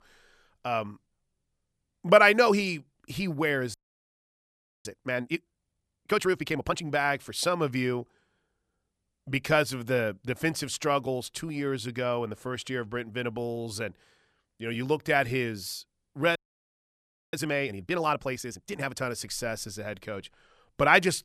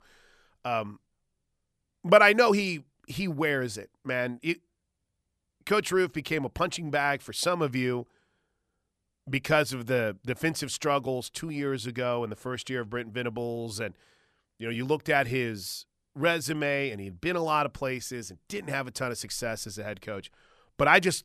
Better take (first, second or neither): second